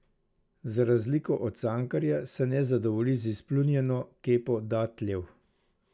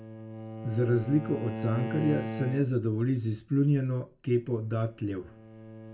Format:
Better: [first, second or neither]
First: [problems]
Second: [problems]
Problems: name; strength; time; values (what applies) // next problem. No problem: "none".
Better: first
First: none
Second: background sound (Bowed string instrument); 10 dB below the speech // room echo; dies away in 0.2 s